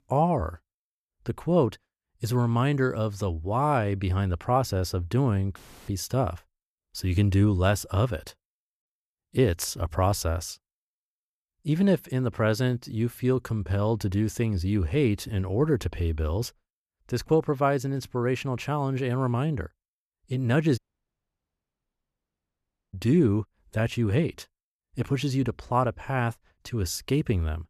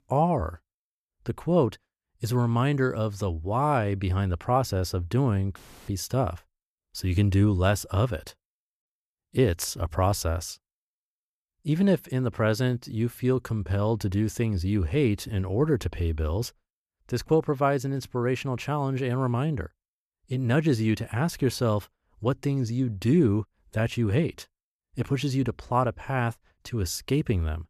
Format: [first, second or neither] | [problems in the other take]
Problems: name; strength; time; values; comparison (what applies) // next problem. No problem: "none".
second | audio cutting out; at 21 s for 2 s